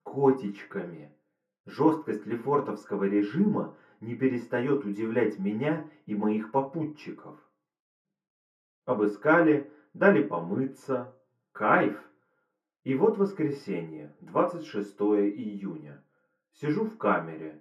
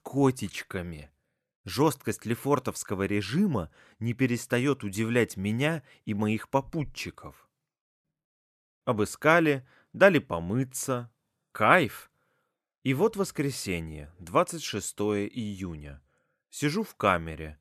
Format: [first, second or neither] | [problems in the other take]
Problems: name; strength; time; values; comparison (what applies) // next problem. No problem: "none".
second | room echo; slight; dies away in 0.3 s // off-mic speech; far